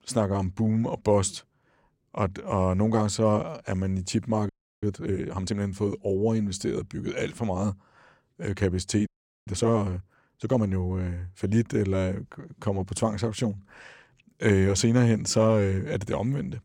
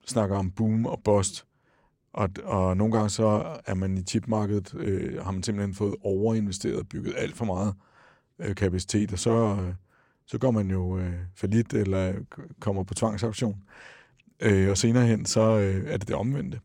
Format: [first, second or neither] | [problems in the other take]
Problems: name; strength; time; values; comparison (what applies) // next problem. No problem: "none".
second | audio freezing; at 4.5 s and at 9 s